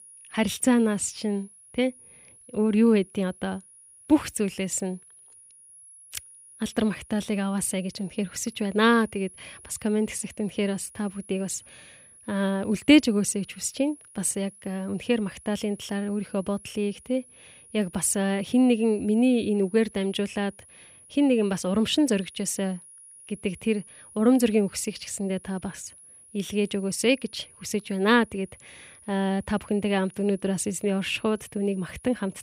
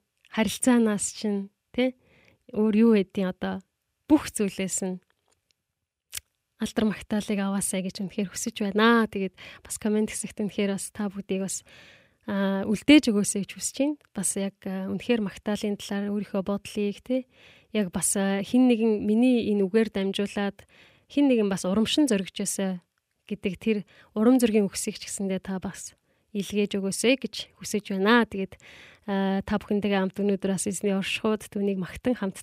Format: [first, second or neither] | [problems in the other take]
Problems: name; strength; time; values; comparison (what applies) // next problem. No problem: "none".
second | high-pitched whine; faint; throughout; 10.5 kHz, 20 dB below the speech